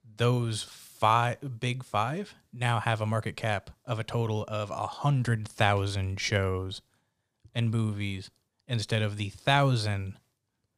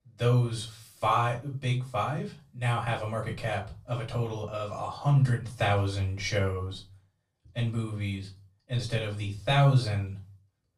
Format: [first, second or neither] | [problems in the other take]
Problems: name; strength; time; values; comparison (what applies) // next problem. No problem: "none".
first | off-mic speech; far // room echo; very slight; dies away in 0.3 s